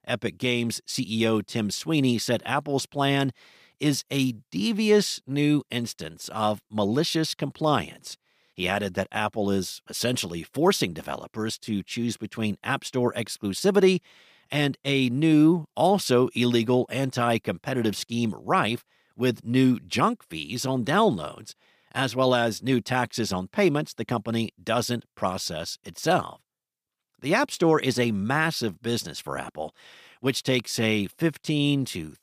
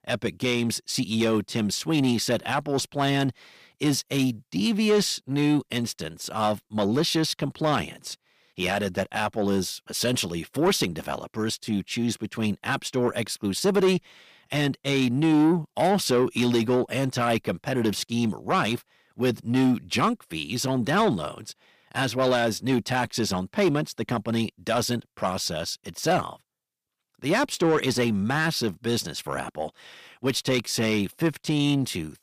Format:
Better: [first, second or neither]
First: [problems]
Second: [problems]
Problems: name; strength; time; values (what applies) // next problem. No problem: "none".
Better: first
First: none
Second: distortion; slight; 10 dB below the speech